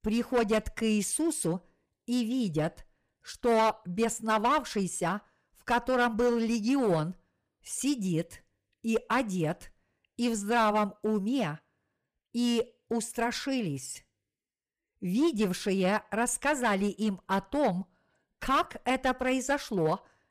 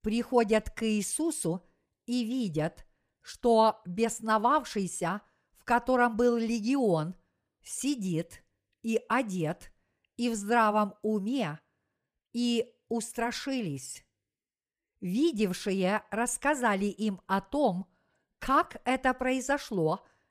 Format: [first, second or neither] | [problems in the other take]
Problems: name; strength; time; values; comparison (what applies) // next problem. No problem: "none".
second | distortion; slight; 5% of the sound clipped